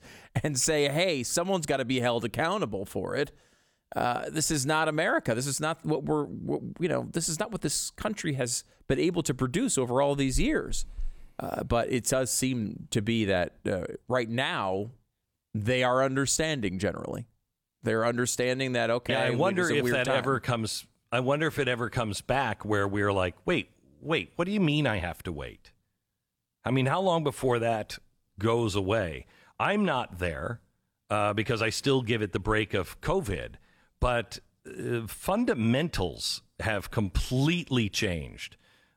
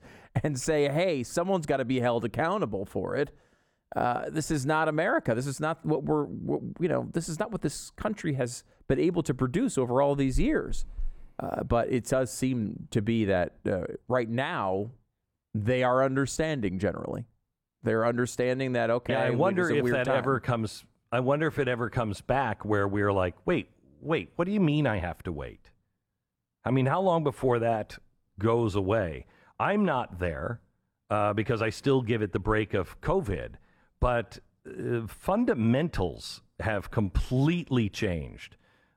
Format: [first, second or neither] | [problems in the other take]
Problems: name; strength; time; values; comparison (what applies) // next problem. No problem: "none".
first | muffled; slightly; fading above 2 kHz